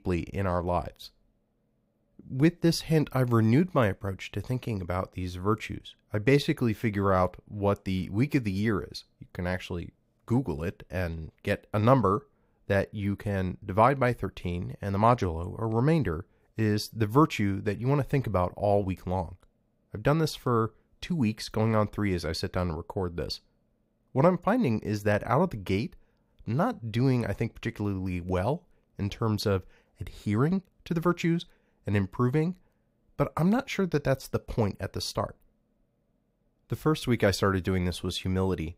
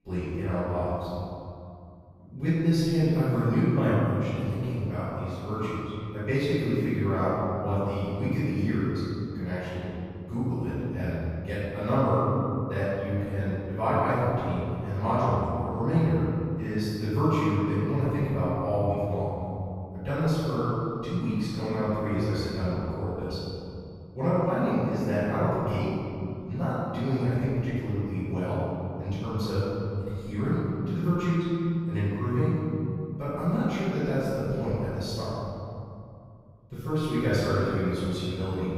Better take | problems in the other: first | room echo; strong; dies away in 2.6 s // off-mic speech; far

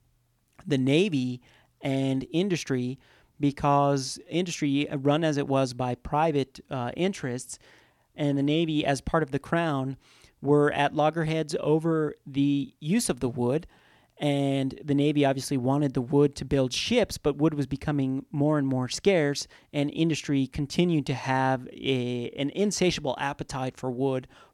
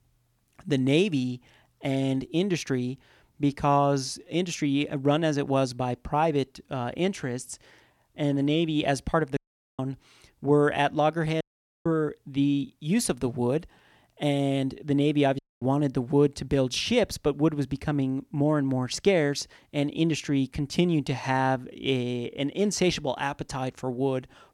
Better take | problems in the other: first | audio cutting out; at 9.5 s, at 11 s and at 15 s

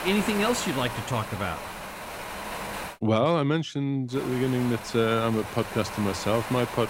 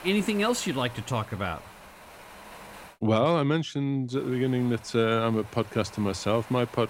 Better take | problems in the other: second | wind noise on the microphone; heavy; until 3 s and from 4 s on; 6 dB below the speech; occasional gusts in the second

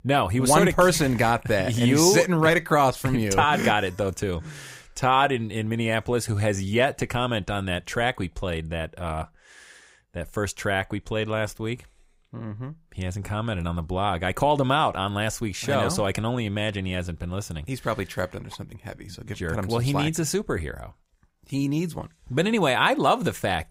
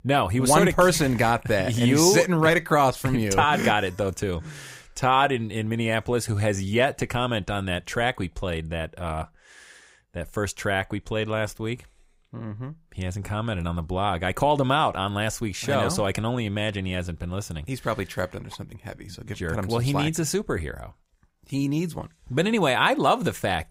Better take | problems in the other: neither | none

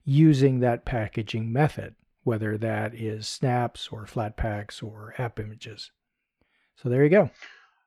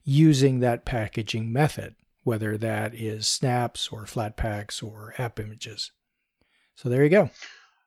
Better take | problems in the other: second | muffled; slightly; fading above 3.5 kHz

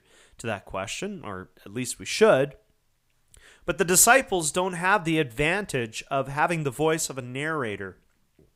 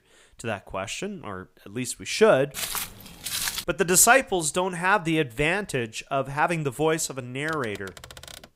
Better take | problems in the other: first | footsteps; noticeable; from 2.5 to 3.5 s; peak 3 dB below the speech // keyboard typing; faint; from 7.5 s on; peak 15 dB below the speech

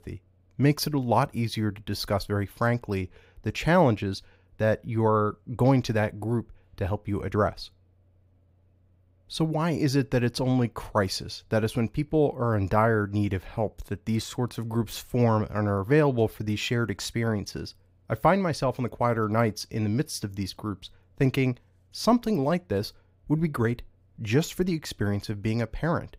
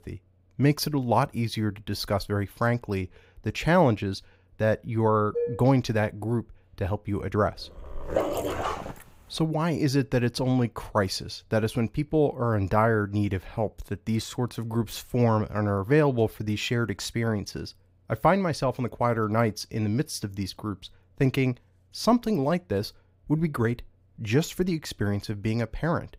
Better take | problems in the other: first | clattering dishes; noticeable; at 5.5 s; peak 5 dB below the speech // dog barking; noticeable; from 8 to 9 s; peak 1 dB below the speech

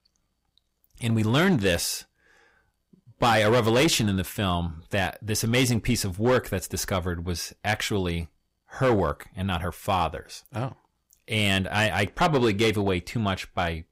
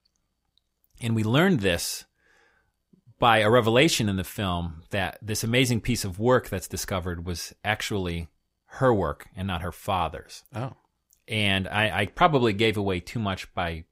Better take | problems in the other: second | distortion; slight; 5% of the sound clipped

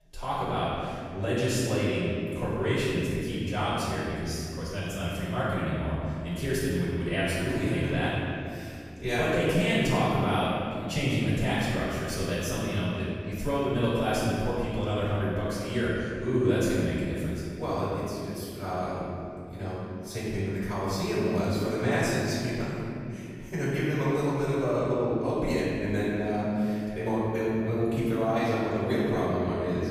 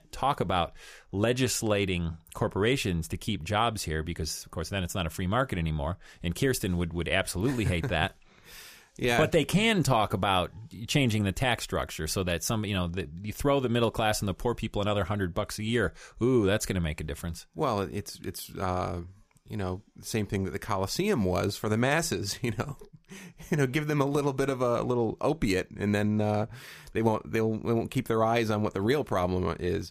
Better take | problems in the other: second | room echo; strong; dies away in 2.5 s // off-mic speech; far

